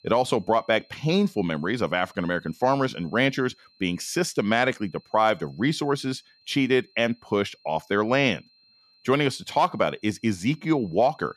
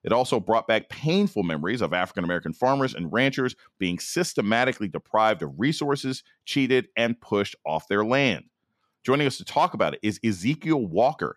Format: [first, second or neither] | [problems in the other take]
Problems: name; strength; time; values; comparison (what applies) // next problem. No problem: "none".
second | high-pitched whine; faint; throughout; 4 kHz, 30 dB below the speech